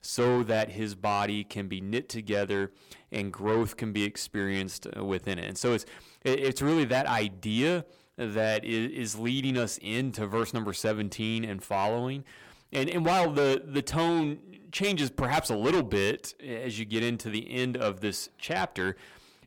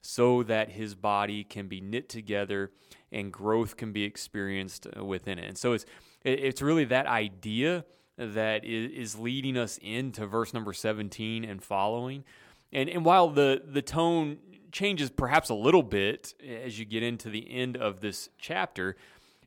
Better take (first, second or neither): second